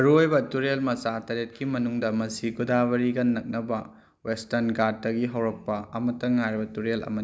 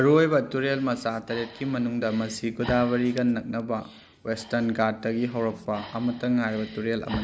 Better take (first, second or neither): first